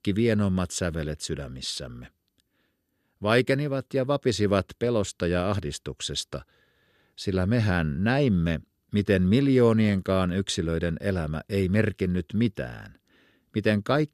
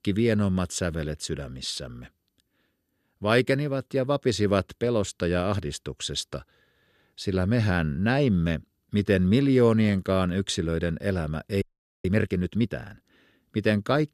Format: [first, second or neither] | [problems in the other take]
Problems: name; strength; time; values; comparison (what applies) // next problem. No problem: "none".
first | audio freezing; at 12 s